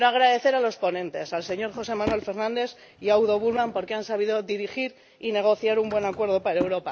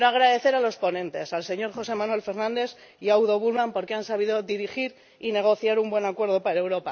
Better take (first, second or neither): second